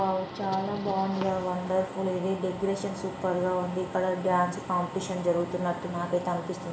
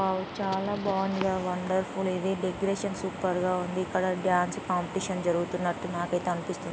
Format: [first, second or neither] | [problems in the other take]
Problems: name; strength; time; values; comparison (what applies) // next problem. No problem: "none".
second | room echo; dies away in 0.9 s